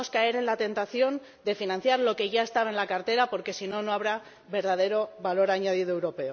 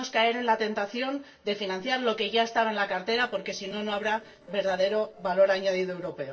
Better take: first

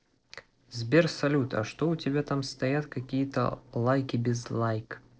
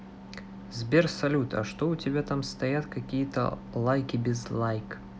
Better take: second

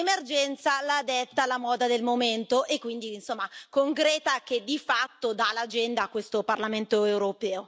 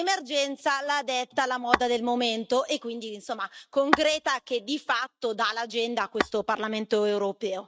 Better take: first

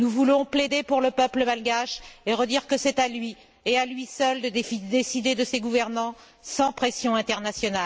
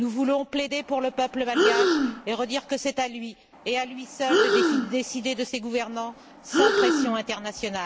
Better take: first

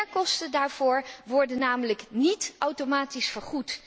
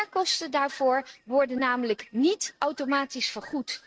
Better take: first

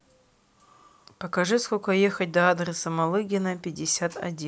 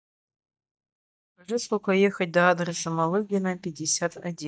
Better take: first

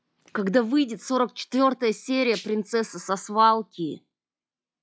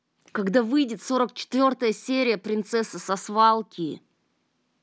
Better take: second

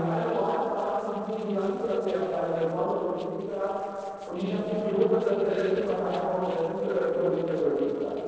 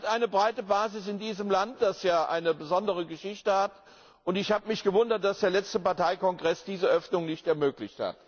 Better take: second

